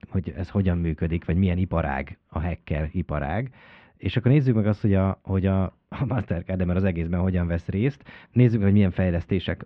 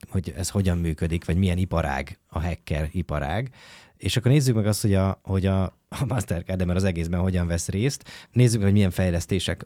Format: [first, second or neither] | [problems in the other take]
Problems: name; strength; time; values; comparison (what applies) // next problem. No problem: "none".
second | muffled; very; fading above 3 kHz